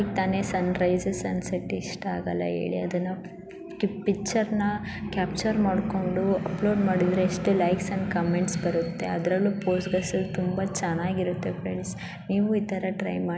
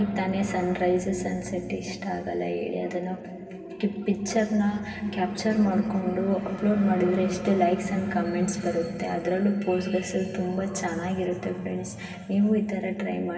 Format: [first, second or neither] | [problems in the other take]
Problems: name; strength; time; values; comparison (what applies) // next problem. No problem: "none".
first | room echo; dies away in 2.5 s